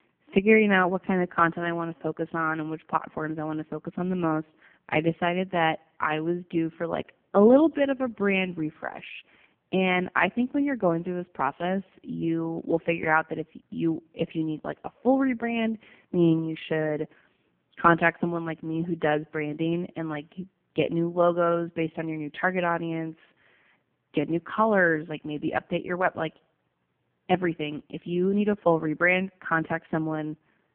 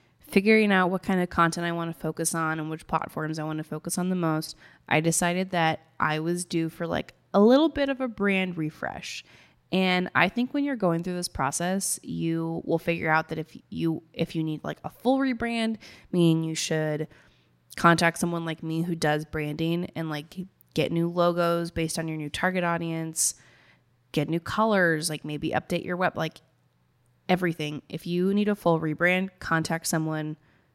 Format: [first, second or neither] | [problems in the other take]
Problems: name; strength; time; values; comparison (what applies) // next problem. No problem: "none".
second | phone-call audio; poor line